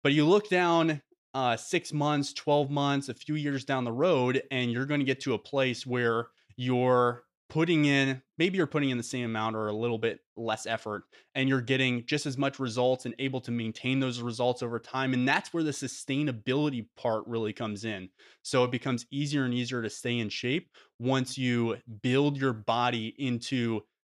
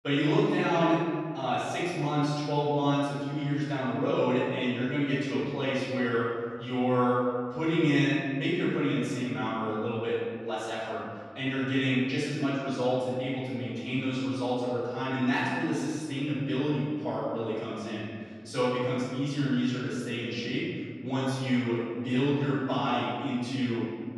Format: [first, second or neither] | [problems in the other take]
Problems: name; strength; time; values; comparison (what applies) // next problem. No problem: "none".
first | room echo; strong; dies away in 1.8 s // off-mic speech; far